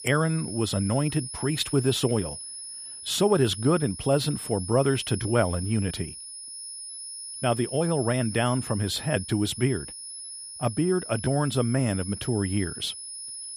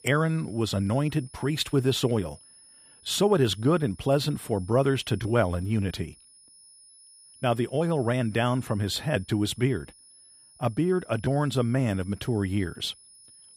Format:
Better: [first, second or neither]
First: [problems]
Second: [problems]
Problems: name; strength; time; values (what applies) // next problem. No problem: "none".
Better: second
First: high-pitched whine; loud; throughout; 10.5 kHz, 10 dB below the speech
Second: high-pitched whine; faint; throughout; 10.5 kHz, 25 dB below the speech